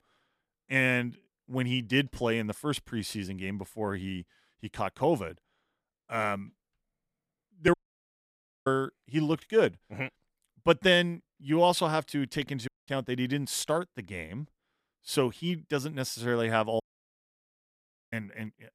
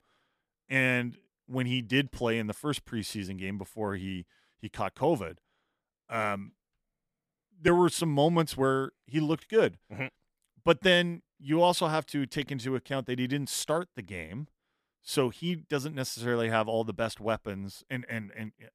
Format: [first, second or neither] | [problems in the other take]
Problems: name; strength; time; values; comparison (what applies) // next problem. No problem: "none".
second | audio cutting out; at 7.5 s for 1 s, at 13 s and at 17 s for 1.5 s